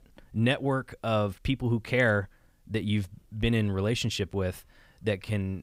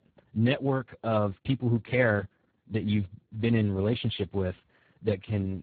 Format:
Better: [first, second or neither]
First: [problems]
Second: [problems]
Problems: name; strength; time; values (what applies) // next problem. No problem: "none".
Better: first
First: none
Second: garbled, watery; badly